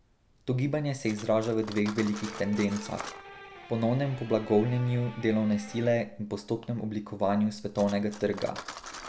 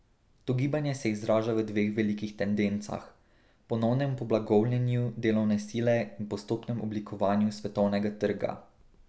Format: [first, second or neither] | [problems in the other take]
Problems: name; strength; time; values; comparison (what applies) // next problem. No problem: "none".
second | background sound (Cutlery, silverware + Electric guitar); 16 dB below the speech